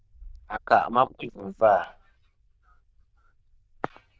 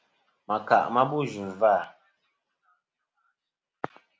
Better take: second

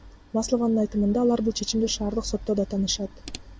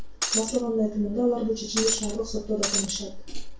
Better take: first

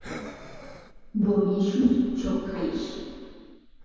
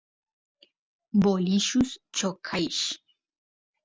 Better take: second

